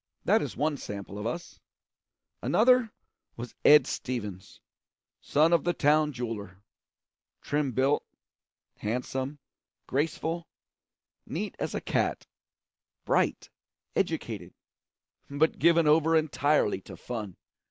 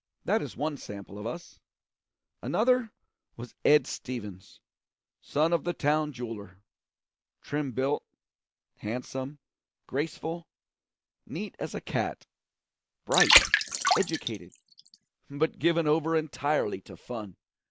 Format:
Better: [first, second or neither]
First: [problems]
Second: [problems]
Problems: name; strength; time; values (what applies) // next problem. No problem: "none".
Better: first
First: none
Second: background sound (Water); 2 dB above the speech